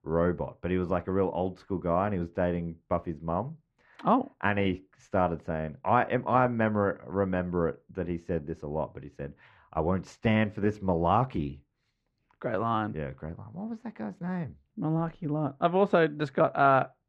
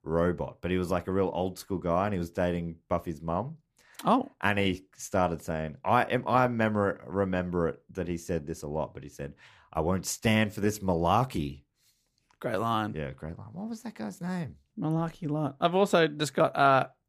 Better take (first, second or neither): second